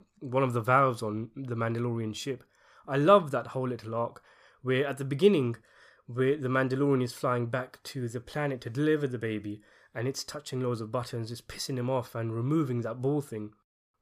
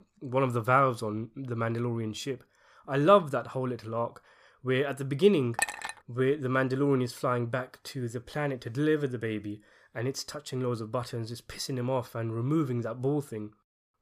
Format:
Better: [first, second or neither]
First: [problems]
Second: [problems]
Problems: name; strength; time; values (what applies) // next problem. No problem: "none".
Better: first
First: none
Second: clattering dishes; noticeable; at 5.5 s; peak 1 dB below the speech